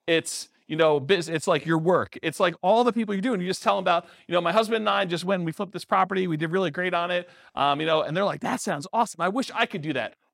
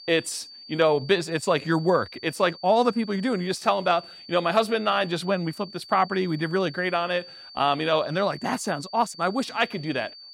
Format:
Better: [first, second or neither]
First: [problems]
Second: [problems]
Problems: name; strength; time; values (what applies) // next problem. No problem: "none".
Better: first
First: none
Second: high-pitched whine; noticeable; throughout; 4.5 kHz, 15 dB below the speech